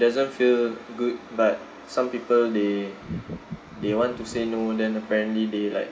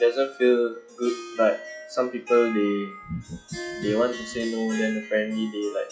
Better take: first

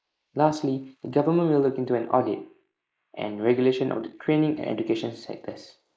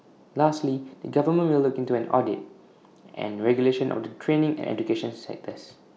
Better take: second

